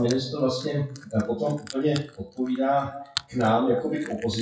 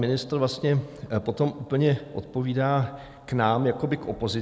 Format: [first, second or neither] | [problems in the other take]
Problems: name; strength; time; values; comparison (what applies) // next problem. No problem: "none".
second | noise reduction (classical method WPE with log-MMSE)